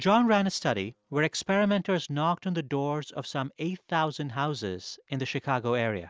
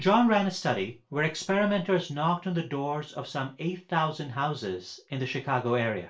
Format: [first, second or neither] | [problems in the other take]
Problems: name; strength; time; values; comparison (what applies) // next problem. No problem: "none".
first | room echo; dies away in 0.3 s